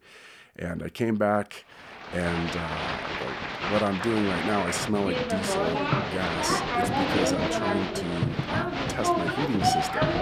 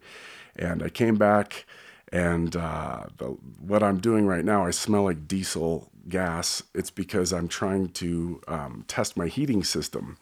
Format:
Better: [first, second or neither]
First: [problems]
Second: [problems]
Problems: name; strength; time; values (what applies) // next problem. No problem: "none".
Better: second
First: crowd noise; very loud; from 2 s on; 2 dB above the speech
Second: none